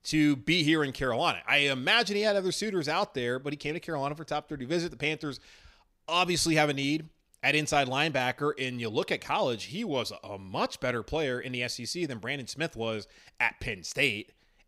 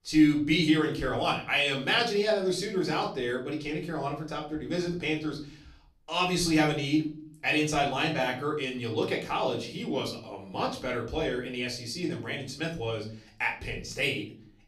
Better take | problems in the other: first | off-mic speech; far // room echo; slight; dies away in 0.5 s

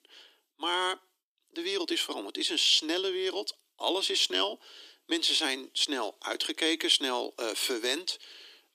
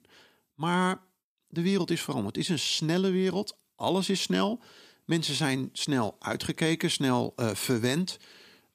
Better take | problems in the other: second | thin; somewhat; fading below 300 Hz

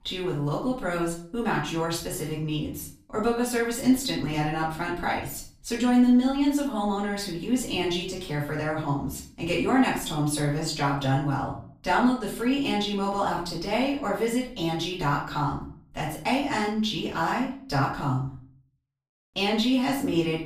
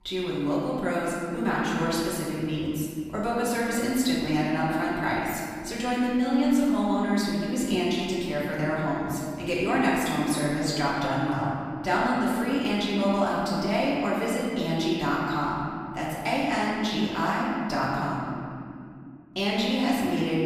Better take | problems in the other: first | room echo; strong; dies away in 2.4 s; slight in the first // off-mic speech; far; far in the first

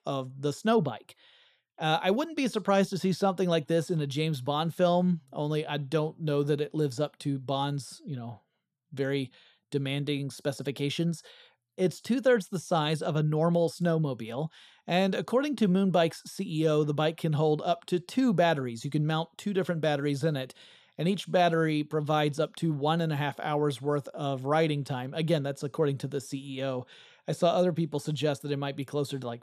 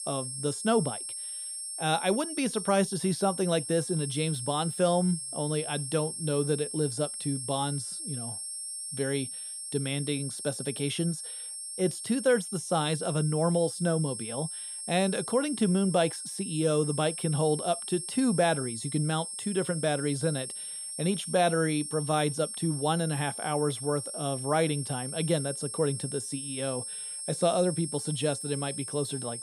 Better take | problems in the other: first | high-pitched whine; loud; throughout; 8.5 kHz, 6 dB below the speech

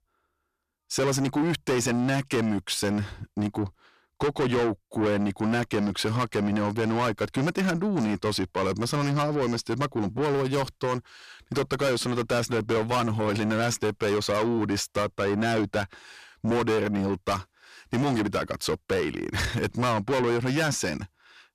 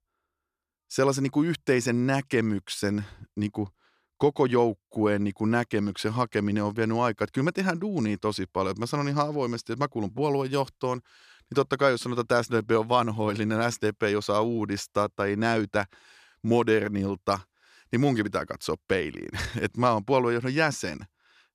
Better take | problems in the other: second | distortion; heavy; 5 dB below the speech

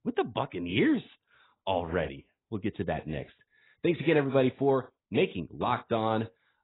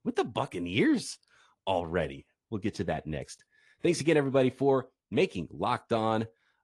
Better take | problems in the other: second | garbled, watery; badly; nothing above 4 kHz; slightly in the second

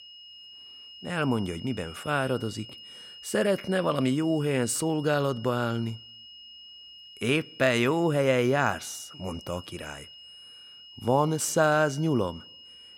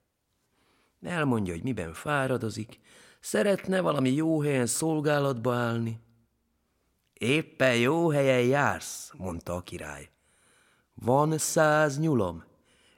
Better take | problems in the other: second | high-pitched whine; noticeable; throughout; 3 kHz, 20 dB below the speech

